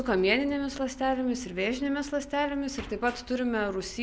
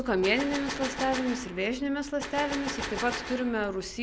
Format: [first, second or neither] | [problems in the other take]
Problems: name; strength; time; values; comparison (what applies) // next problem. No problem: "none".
first | background sound (Gunshot, gunfire); 8 dB below the speech